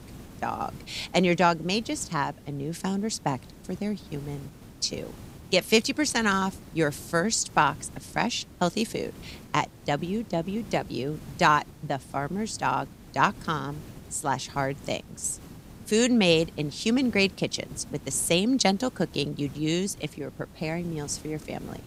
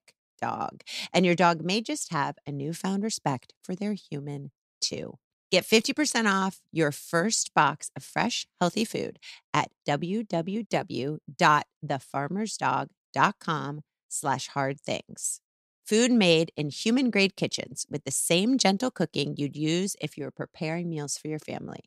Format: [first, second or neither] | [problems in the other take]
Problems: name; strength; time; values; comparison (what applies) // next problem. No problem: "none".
second | hiss; noticeable; throughout; 20 dB below the speech